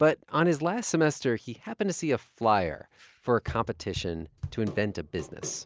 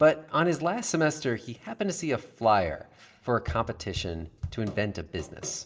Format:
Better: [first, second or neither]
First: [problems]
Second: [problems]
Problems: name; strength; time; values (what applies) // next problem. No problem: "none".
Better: first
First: none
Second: room echo; dies away in 0.3 s